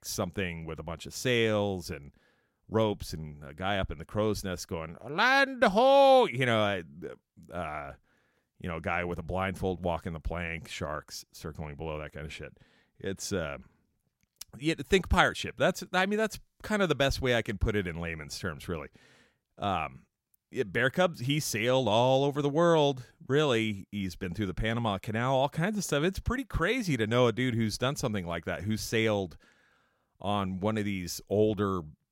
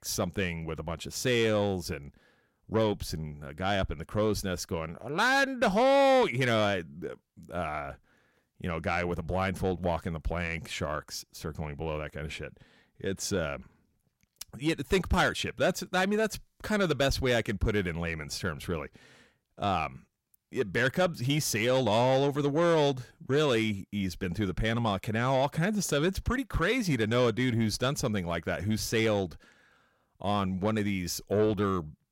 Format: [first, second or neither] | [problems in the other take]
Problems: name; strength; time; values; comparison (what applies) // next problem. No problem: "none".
first | distortion; slight; 10 dB below the speech